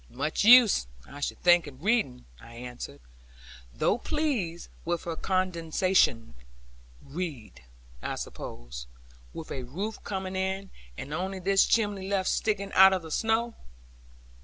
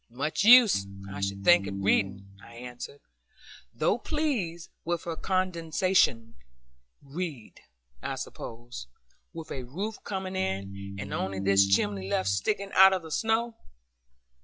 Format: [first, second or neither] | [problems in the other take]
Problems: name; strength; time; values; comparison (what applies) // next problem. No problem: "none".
first | noise reduction (classical method log-MMSE)